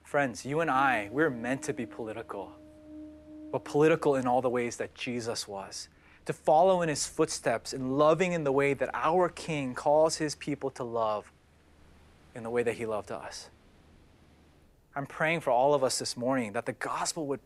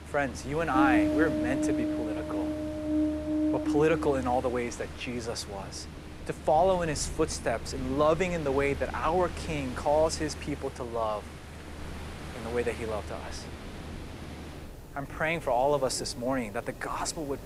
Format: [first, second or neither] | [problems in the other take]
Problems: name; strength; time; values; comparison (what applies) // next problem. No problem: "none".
first | rain or running water; loud; throughout; 5 dB below the speech; faint in the first